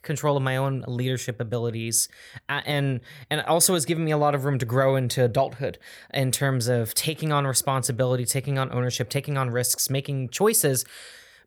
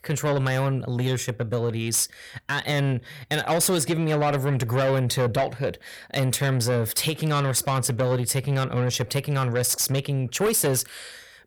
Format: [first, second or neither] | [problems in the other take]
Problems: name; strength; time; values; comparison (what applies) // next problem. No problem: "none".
first | distortion; slight; 10 dB below the speech